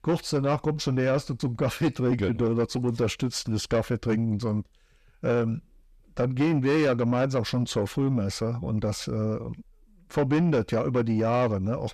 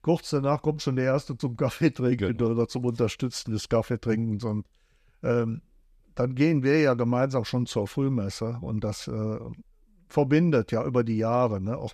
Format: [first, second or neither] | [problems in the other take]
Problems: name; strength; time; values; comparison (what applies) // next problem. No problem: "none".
second | distortion; slight; 10 dB below the speech